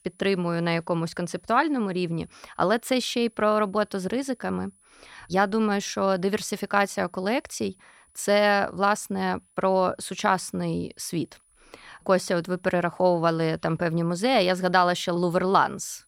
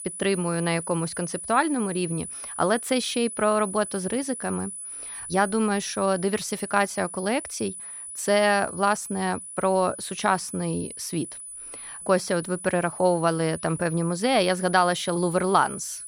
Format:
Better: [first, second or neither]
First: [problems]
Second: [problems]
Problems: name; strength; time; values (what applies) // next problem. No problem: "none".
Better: first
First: high-pitched whine; faint; throughout; 10 kHz, 35 dB below the speech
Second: high-pitched whine; loud; throughout; 10 kHz, 10 dB below the speech